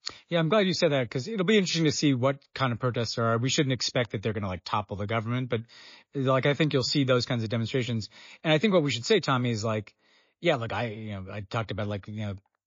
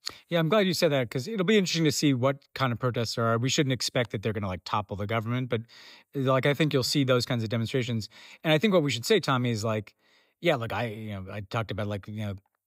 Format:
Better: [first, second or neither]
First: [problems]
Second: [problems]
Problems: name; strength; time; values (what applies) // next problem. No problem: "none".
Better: second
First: garbled, watery; slightly; nothing above 7 kHz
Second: none